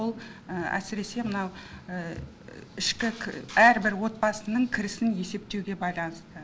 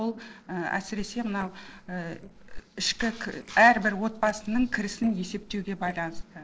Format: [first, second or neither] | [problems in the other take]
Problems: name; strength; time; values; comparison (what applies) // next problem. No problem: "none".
first | noise reduction (neural separator model SepFormer DNS4)